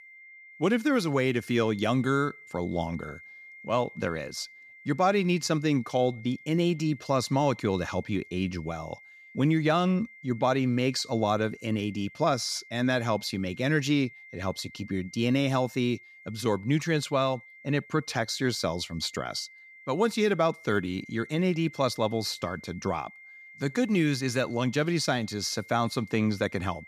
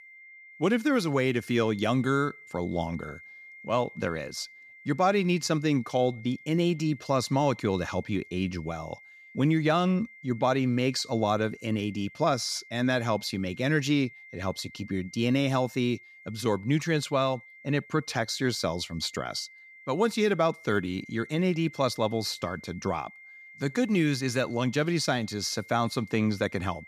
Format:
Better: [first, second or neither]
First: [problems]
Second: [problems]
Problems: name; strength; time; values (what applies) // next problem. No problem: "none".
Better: neither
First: high-pitched whine; noticeable; throughout; 2 kHz, 20 dB below the speech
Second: high-pitched whine; noticeable; throughout; 2 kHz, 20 dB below the speech